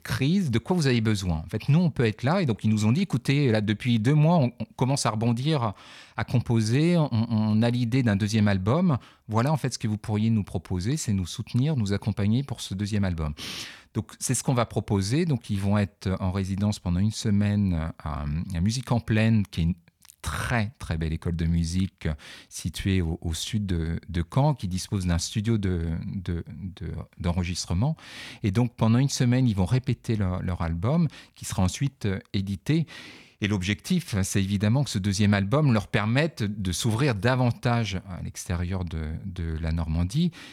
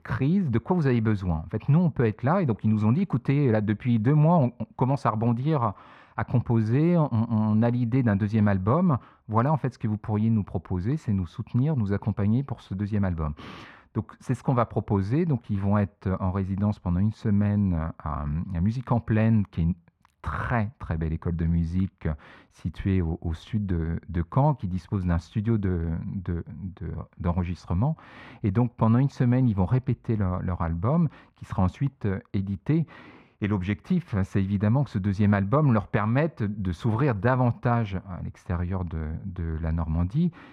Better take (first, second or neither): first